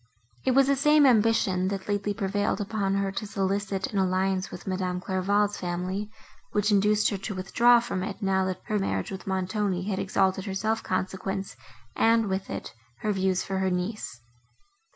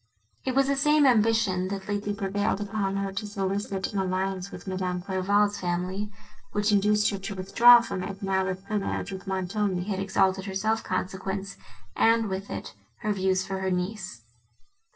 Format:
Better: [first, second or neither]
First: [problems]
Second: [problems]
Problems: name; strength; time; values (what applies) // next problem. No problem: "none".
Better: first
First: none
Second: noise reduction (neural separator model SepFormer DNS4)